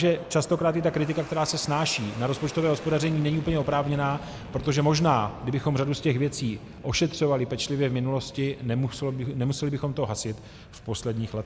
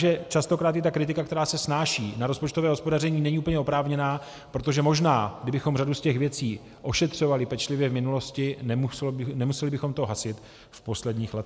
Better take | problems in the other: second | background sound (Fixed-wing aircraft, airplane); 16 dB below the speech

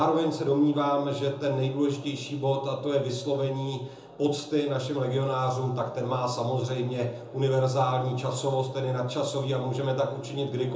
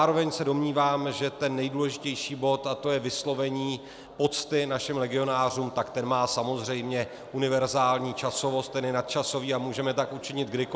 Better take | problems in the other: second | room echo; dies away in 0.5 s

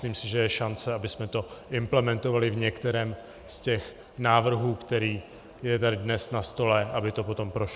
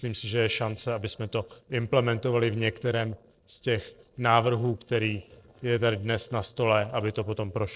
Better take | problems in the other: first | noise reduction (neural separator model SepFormer DNS4)

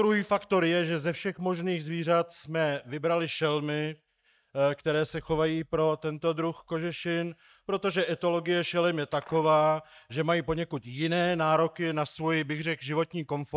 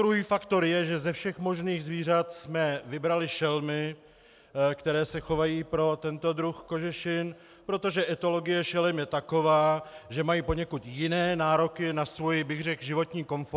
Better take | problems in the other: second | noise reduction (neural mask model DeepFilterNet 3)

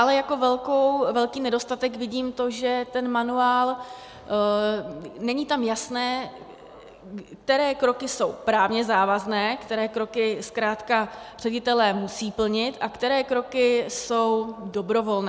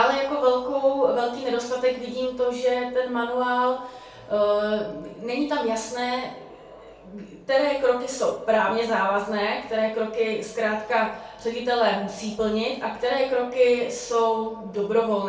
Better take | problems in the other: first | room echo; dies away in 0.4 s

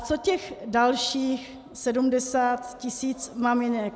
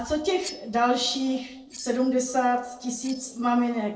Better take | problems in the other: first | noise reduction (neural separator model SepFormer DNS4)

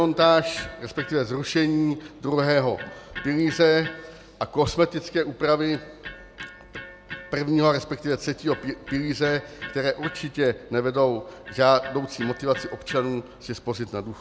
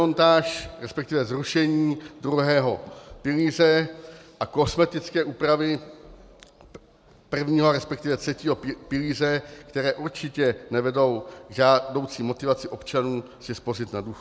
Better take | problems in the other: second | background sound (Electric guitar); 17 dB below the speech

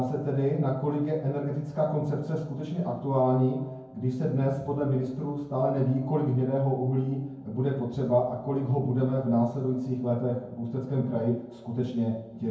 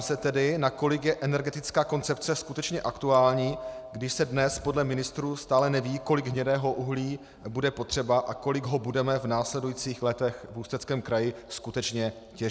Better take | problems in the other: second | room echo; dies away in 0.9 s

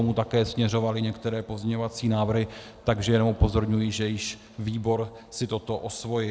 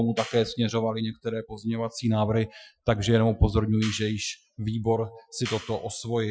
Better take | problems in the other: first | noise reduction (classical method Wiener filter)

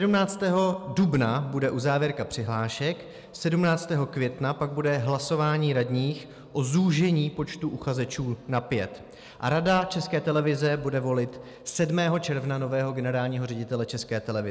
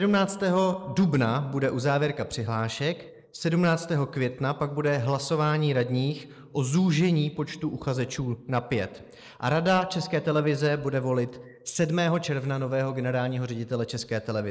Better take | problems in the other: first | noise reduction (neural mask model Resemble Enhance denoiser)

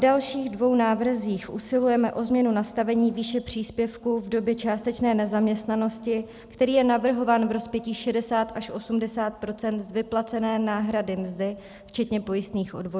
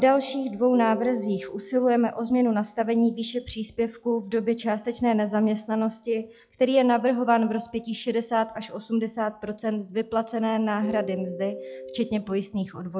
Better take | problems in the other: first | noise reduction (classical method log-MMSE)

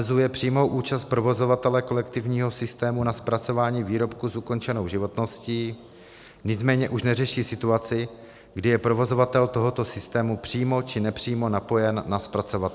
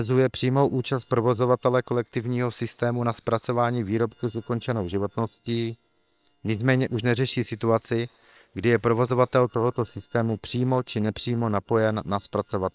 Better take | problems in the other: first | noise reduction (neural separator model SepFormer WHAM!)

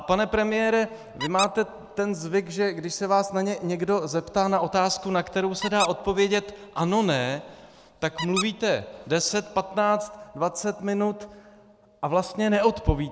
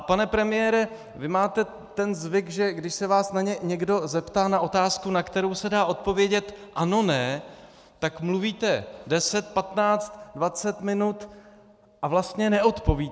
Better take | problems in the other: second | background sound (Squeak); 12 dB below the speech

